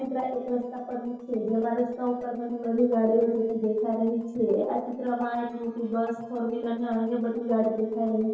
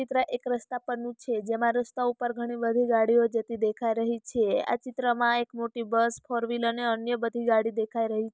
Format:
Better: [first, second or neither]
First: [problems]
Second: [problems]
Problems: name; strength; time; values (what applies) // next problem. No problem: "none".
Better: second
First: noise reduction (neural separator model SepFormer DNS4)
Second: none